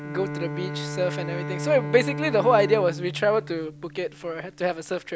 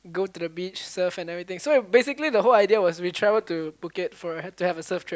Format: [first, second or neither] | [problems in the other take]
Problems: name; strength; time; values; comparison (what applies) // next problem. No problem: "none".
second | background sound (Bowed string instrument); 8 dB below the speech